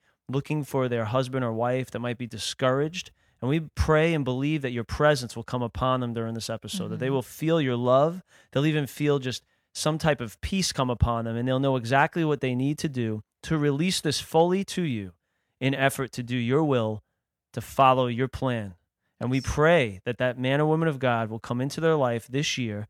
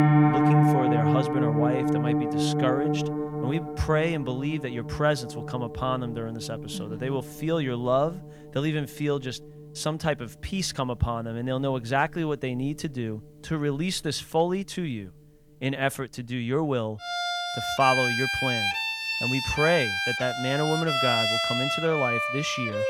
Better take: first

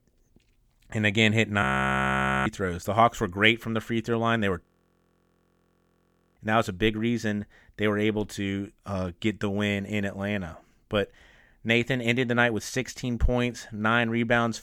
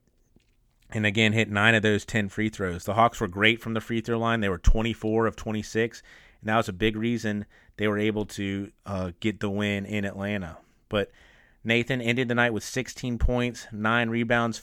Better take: second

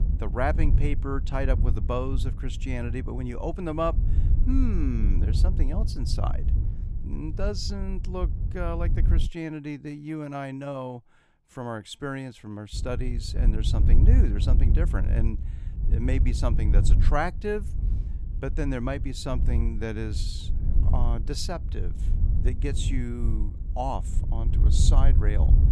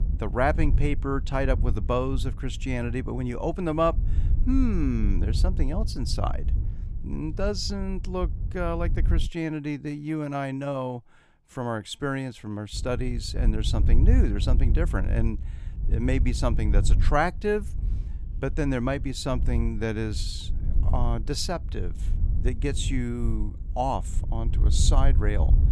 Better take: second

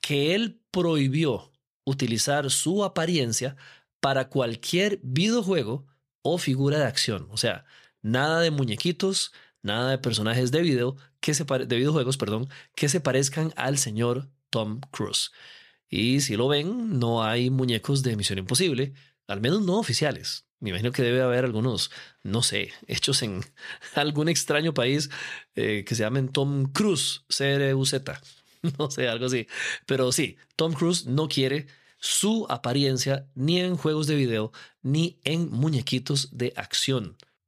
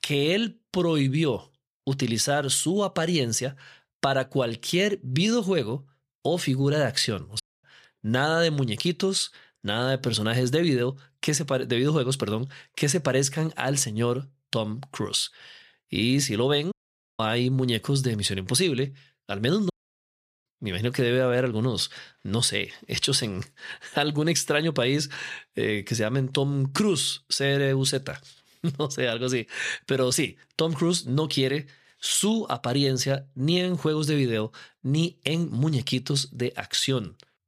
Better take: first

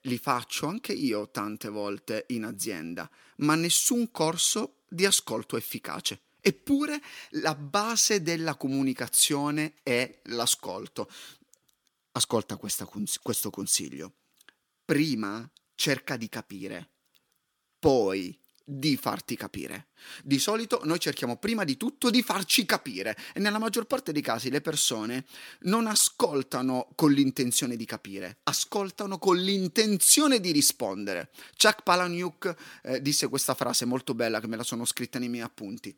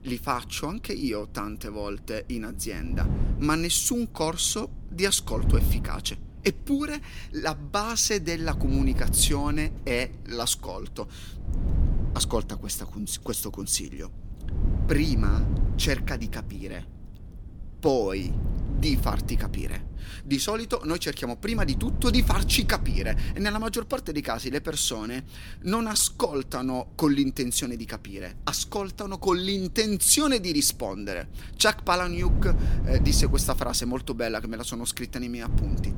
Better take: first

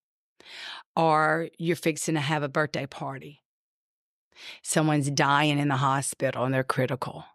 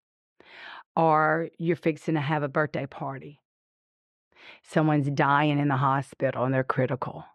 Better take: first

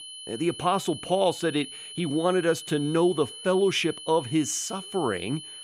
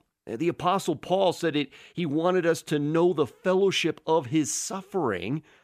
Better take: second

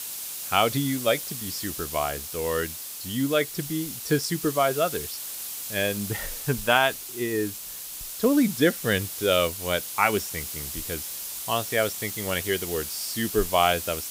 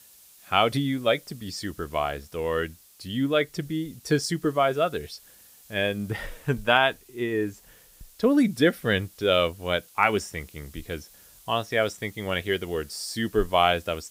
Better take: second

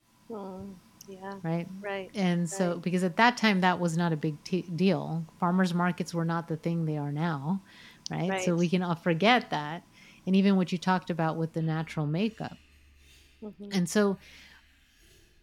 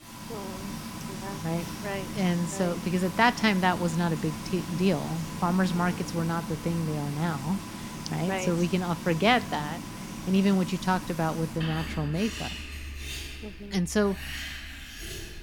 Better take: first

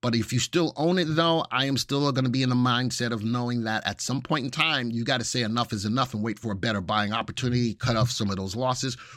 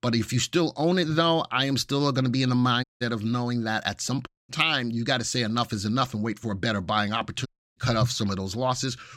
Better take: first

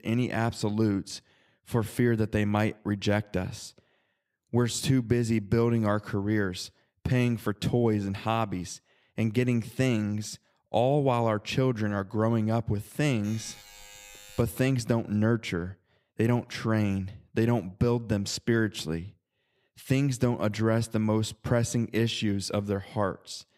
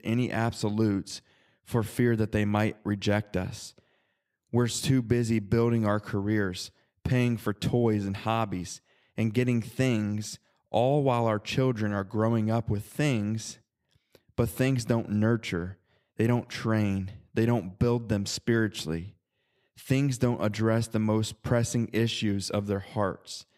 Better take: second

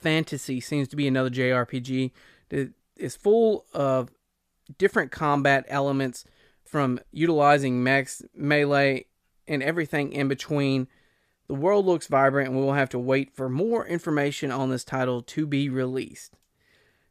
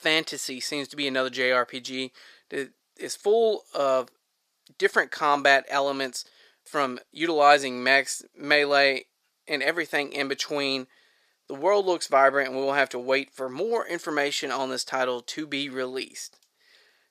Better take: first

